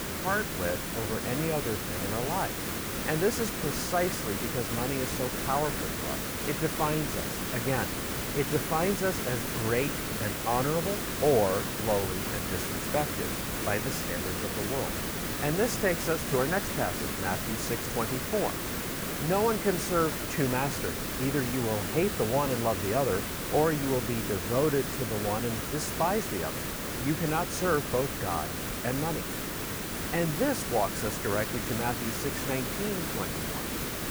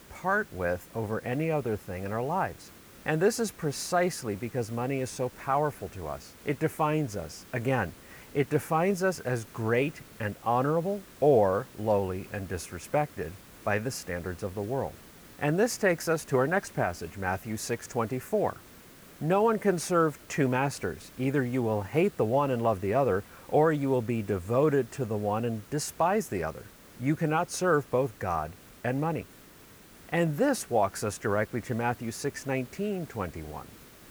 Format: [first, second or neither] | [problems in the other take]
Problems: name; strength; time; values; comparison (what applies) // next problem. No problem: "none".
second | hiss; loud; throughout; 1 dB below the speech; faint in the second